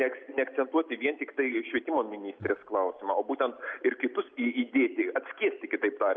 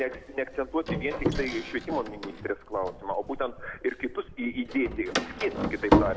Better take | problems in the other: first | background sound (Door); as loud as the speech

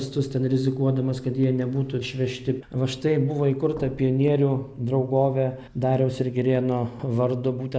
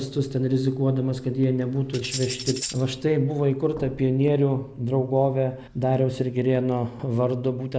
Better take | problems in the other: first | background sound (Tambourine); 11 dB below the speech

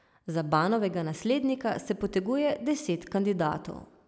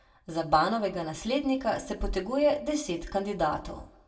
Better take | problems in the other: first | room echo; dies away in 0.2 s

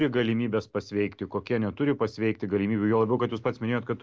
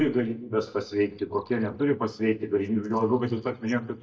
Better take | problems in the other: first | noise reduction (neural mask model DeepFilterNet 3)

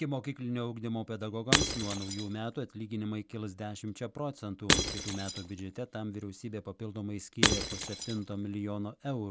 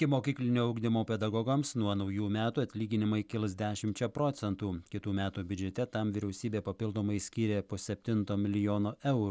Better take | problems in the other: second | background sound (Shatter / Crushing); 3 dB above the speech

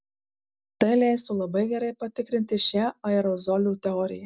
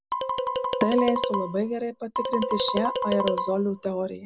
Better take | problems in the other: first | background sound (Marimba, xylophone); 2 dB below the speech

